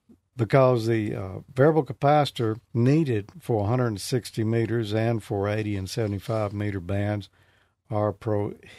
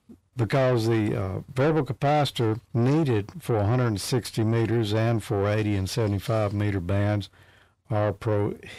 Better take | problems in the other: first | distortion; heavy; 8 dB below the speech

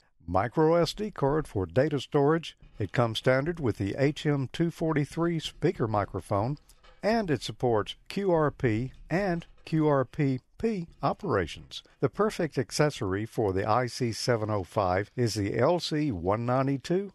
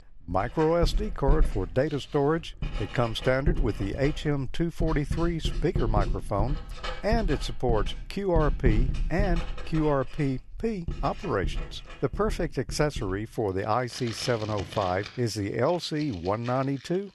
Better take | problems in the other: first | household noises; loud; throughout; 6 dB below the speech; faint in the first

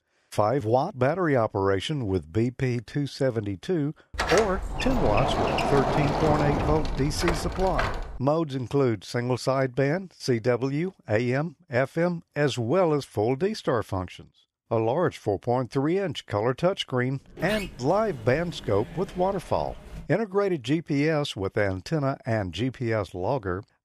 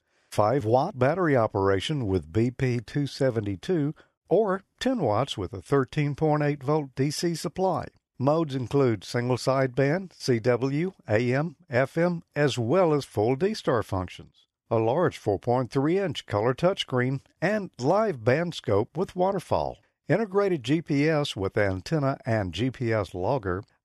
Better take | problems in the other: second | door banging; loud; from 4 to 8 s; peak 2 dB above the speech // door banging; noticeable; from 17 to 20 s; peak 8 dB below the speech

